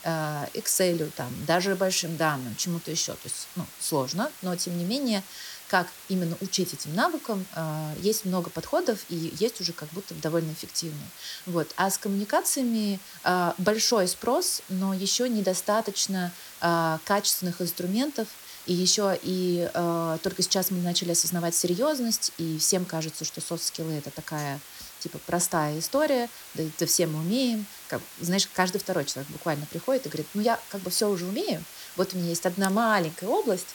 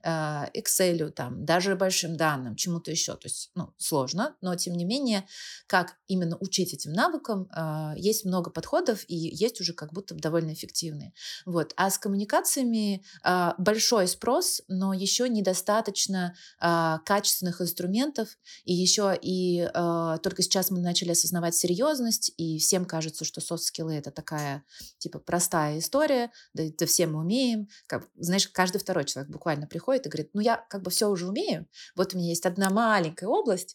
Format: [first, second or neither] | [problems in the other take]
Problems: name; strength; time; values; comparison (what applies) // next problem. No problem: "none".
second | hiss; noticeable; throughout; 15 dB below the speech